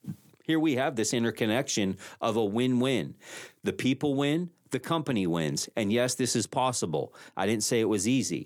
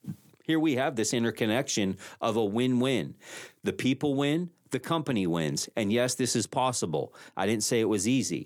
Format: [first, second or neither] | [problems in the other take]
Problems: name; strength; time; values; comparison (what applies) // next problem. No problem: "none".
neither | none